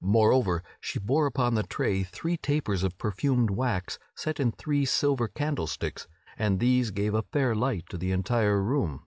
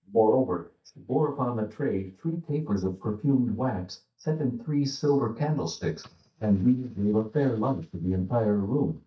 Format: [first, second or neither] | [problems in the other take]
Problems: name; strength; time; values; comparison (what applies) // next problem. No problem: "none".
first | noise reduction (neural mask model DeepFilterNet 3)